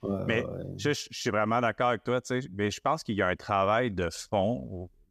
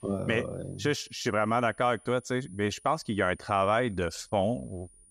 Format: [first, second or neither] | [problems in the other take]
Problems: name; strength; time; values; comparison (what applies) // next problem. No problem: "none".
first | high-pitched whine; faint; throughout; 9.5 kHz, 25 dB below the speech